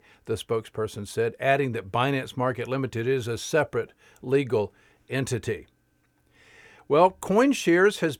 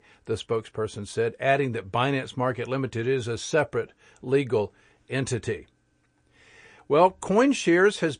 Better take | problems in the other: first | garbled, watery; slightly; nothing above 9.5 kHz

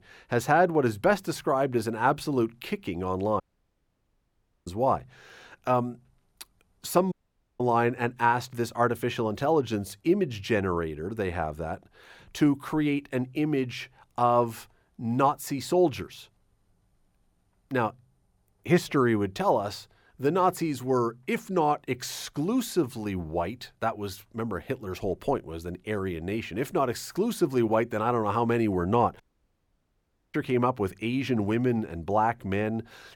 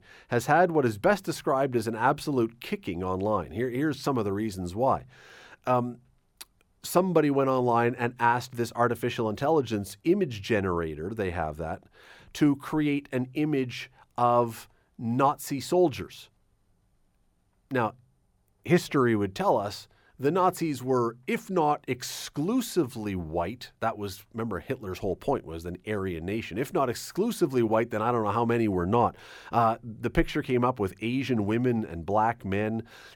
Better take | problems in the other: second | audio cutting out; at 3.5 s for 1.5 s, at 7 s and at 29 s for 1 s

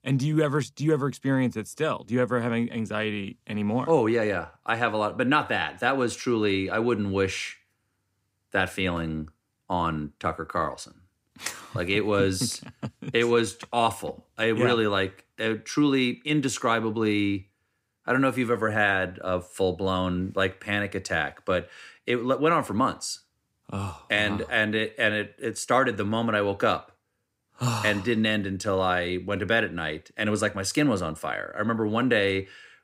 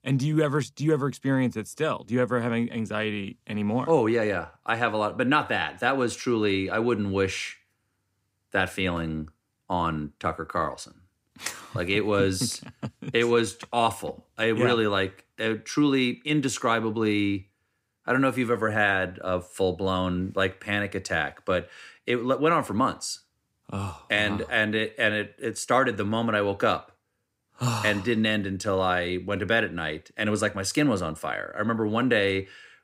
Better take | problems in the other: neither | none

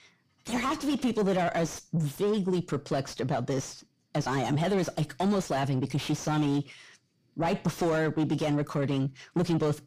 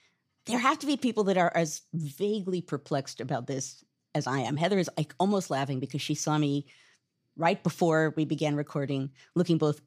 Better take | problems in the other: second | distortion; heavy; 7 dB below the speech

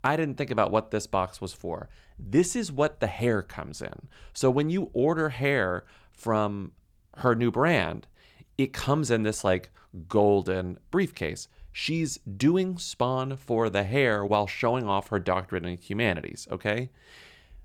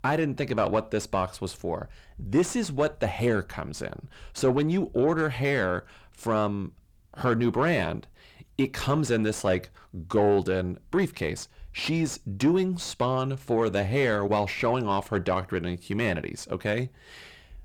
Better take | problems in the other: first | distortion; slight; 10 dB below the speech

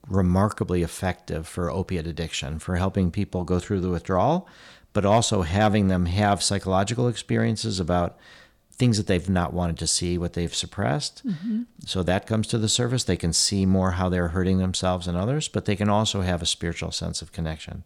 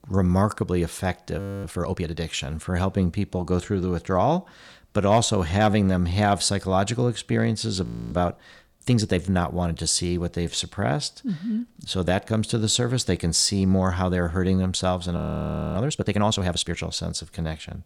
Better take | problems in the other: first | audio freezing; at 1.5 s, at 8 s and at 15 s for 0.5 s

